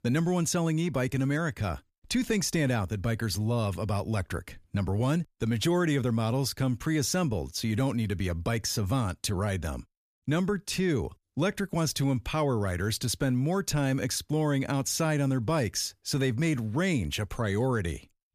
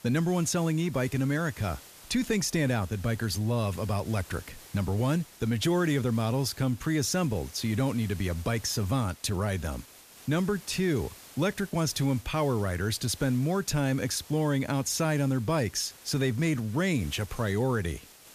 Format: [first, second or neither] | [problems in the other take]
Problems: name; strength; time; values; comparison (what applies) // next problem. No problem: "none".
first | hiss; noticeable; throughout; 20 dB below the speech